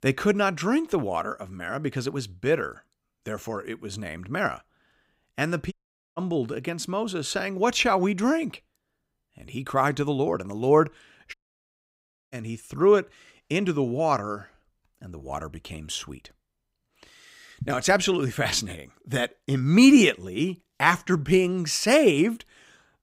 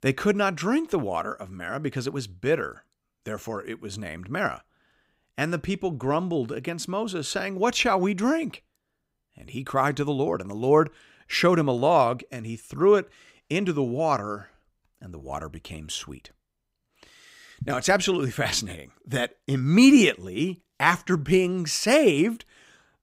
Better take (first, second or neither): second